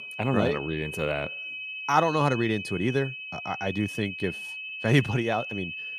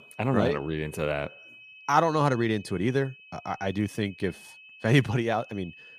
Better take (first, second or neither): second